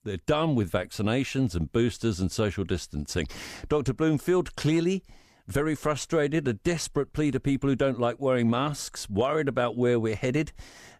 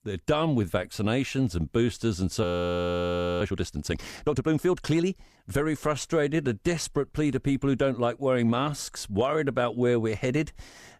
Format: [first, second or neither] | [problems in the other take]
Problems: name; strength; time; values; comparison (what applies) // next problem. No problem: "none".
first | audio freezing; at 2.5 s for 1 s